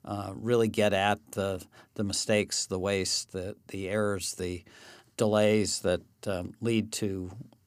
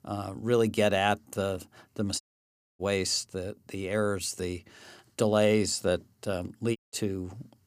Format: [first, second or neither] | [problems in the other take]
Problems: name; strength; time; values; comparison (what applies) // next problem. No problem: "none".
first | audio cutting out; at 2 s for 0.5 s and at 7 s